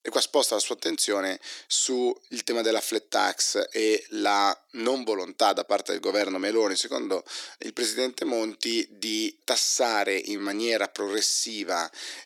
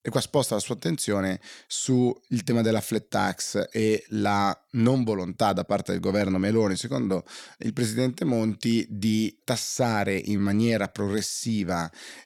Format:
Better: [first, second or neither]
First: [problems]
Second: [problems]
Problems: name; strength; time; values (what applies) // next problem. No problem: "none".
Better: second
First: thin; somewhat; fading below 300 Hz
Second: none